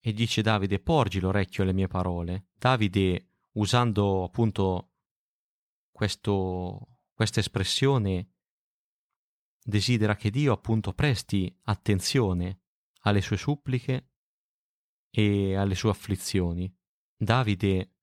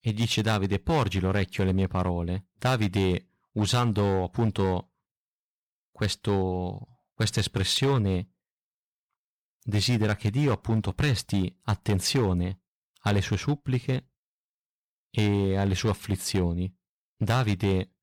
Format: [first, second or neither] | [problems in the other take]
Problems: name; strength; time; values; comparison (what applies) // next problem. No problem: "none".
first | distortion; slight; 6% of the sound clipped